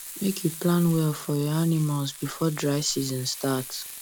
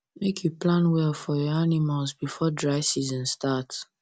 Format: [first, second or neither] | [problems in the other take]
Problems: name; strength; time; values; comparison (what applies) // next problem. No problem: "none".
second | background sound (Frying (food)); 14 dB below the speech